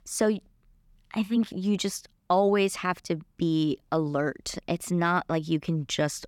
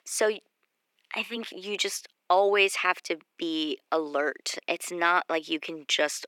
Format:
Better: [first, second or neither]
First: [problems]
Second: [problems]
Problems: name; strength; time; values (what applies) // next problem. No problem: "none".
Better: first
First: none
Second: thin; very; fading below 350 Hz